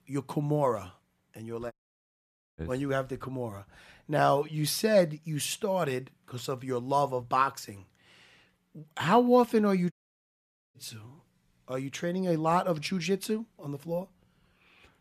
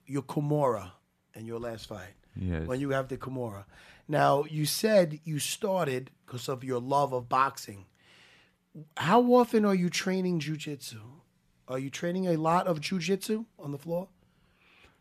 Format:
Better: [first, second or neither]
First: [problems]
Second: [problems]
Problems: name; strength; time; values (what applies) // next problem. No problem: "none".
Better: second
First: audio cutting out; at 1.5 s for 1 s and at 10 s for 1 s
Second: none